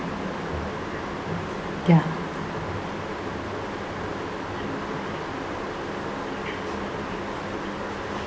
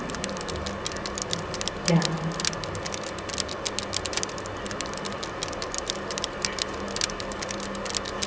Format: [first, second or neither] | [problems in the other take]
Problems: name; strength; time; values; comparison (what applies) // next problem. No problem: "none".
first | background sound (Crushing); 3 dB below the speech // room echo; dies away in 1.4 s